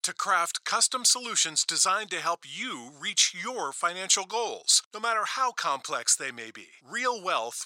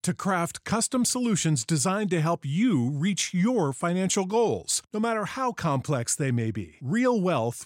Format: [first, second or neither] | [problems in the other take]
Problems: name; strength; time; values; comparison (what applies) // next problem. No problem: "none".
second | thin; very; fading below 700 Hz